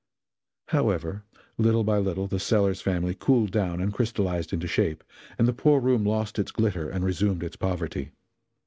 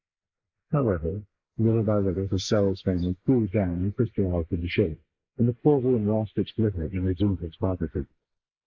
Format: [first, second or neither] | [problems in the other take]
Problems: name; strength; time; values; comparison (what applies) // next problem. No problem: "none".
first | noise reduction (neural mask model Resemble Enhance denoiser)